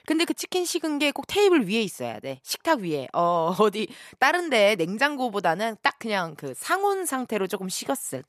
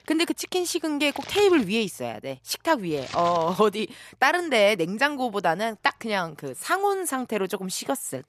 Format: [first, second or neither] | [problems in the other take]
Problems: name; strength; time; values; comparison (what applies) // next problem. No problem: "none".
first | household noises; noticeable; throughout; 15 dB below the speech